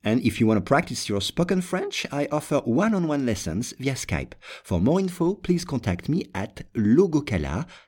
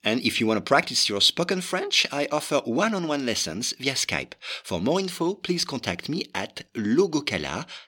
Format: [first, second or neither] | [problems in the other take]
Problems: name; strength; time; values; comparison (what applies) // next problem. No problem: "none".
first | thin; very slightly; fading below 950 Hz